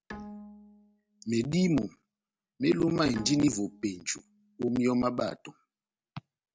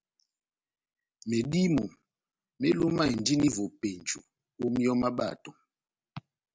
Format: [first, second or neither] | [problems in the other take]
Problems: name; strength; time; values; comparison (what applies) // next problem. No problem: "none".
second | background sound (Bowed string instrument); 20 dB below the speech